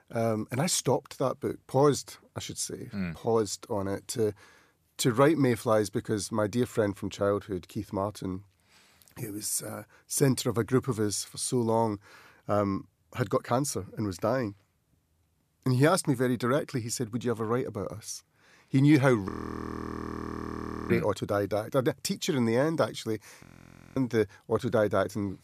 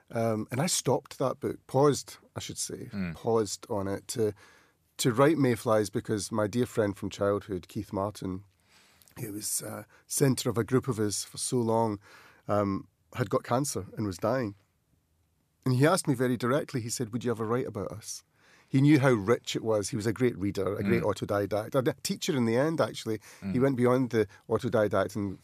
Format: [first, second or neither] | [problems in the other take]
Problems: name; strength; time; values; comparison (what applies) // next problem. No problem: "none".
second | audio freezing; at 19 s for 1.5 s and at 23 s for 0.5 s